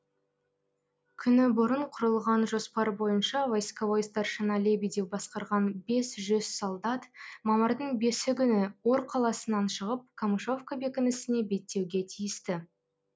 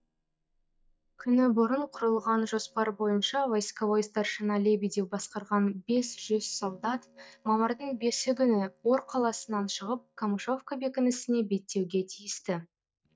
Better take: first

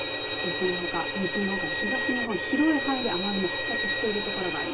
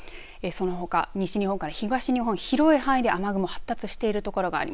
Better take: second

